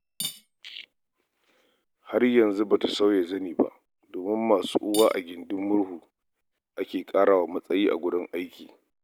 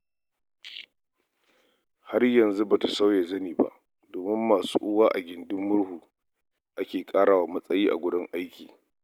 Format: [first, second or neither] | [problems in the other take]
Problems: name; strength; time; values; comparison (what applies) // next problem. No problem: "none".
second | background sound (Cutlery, silverware / Dishes, pots, and pans); 16 dB below the speech